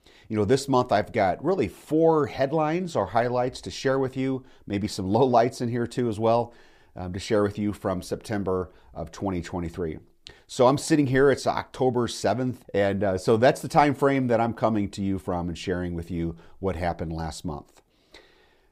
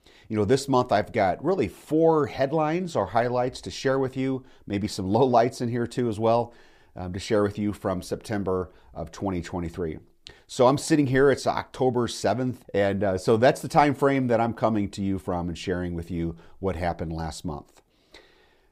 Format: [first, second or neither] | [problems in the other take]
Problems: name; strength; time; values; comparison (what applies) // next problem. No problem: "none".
neither | none